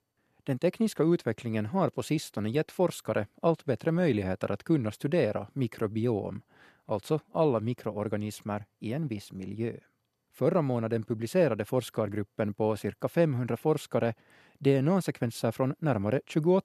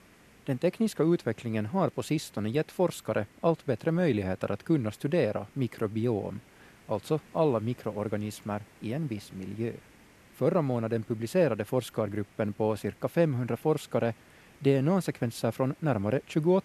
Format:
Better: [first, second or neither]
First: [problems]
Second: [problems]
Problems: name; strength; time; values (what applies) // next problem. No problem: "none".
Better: first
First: none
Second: hiss; faint; throughout; 25 dB below the speech